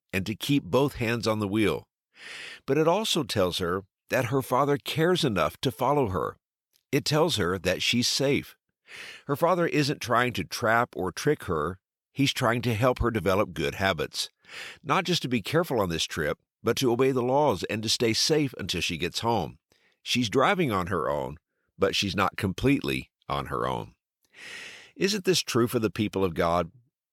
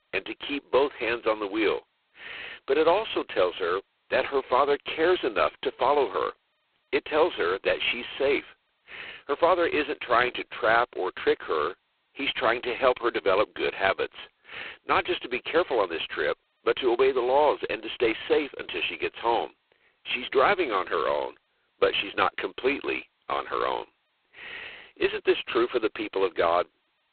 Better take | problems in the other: first | phone-call audio; poor line; nothing above 4 kHz

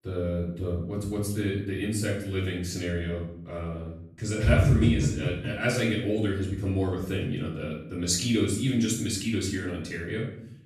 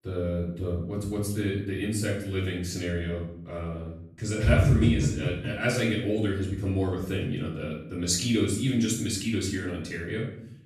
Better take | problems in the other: neither | off-mic speech; far; the same in both // room echo; noticeable; dies away in 0.6 s; the same in both

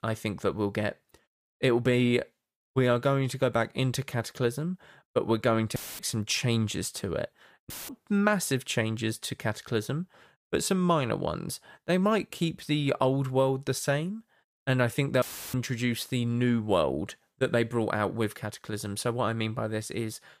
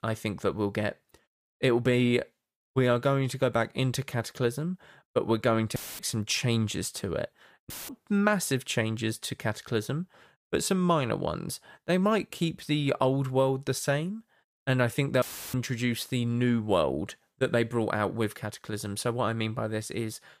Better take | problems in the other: neither | audio cutting out; filled with static; at 6 s, at 7.5 s and at 15 s; the same in both

